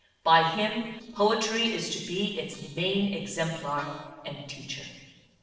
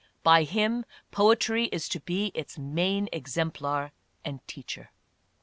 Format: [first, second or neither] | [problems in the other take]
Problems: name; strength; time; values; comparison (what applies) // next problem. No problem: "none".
second | noise reduction (neural separator model SepFormer DNS4)